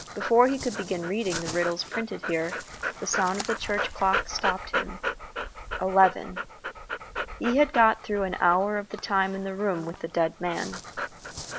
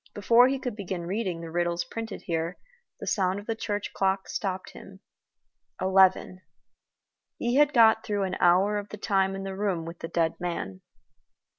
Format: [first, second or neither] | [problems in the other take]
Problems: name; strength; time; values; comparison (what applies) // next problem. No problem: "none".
second | background sound (Dog); 7 dB below the speech